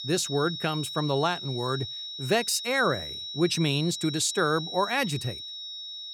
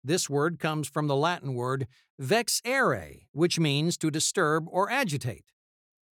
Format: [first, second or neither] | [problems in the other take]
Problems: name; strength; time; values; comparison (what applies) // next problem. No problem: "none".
second | high-pitched whine; loud; throughout; 4 kHz, 7 dB below the speech